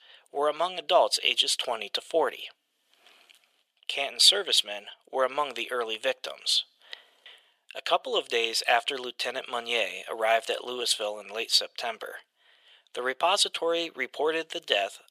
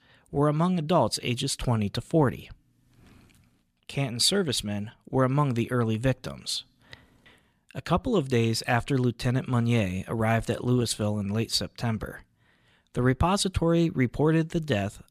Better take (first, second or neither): second